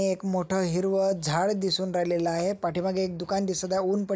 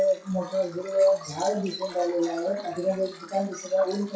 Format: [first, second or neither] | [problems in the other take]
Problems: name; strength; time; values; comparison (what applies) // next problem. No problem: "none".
first | noise reduction (classical method WPE with log-MMSE)